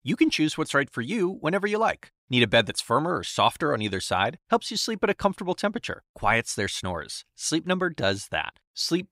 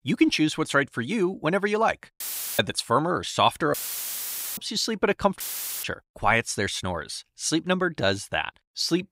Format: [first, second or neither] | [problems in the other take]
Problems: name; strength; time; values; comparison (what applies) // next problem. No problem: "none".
first | audio cutting out; filled with static; at 2 s, at 3.5 s for 1 s and at 5.5 s